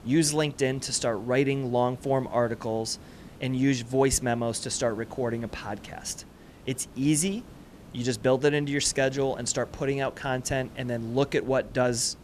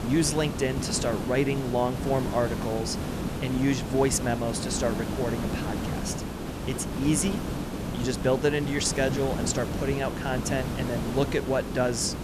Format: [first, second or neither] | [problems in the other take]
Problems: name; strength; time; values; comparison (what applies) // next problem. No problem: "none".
first | hiss; loud; throughout; 4 dB below the speech; faint in the first